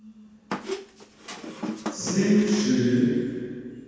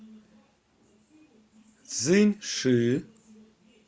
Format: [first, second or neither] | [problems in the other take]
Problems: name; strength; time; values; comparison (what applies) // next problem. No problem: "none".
second | background sound (Squeak); 9 dB below the speech // room echo; dies away in 2.1 s